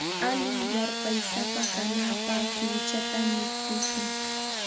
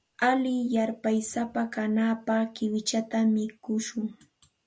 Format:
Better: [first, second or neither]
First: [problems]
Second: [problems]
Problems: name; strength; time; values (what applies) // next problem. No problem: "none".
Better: second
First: background sound (Tambourine + Engine starting / Sawing); 1 dB above the speech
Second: none